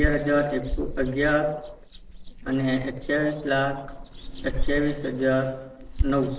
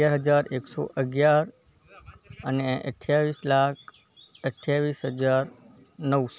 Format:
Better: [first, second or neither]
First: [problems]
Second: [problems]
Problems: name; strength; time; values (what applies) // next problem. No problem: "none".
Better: second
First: noise reduction (neural separator model SepFormer DNS4)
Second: none